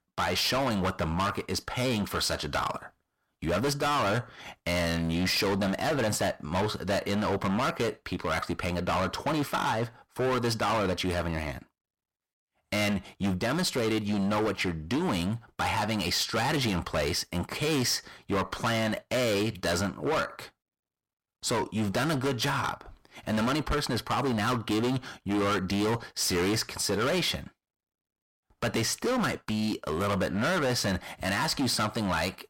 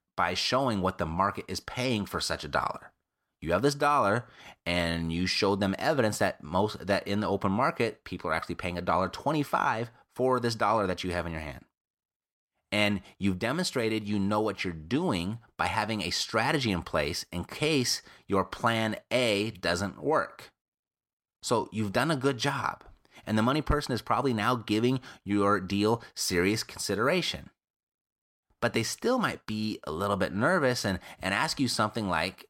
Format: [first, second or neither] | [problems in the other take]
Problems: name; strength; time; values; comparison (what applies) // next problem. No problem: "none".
second | distortion; heavy; 21% of the sound clipped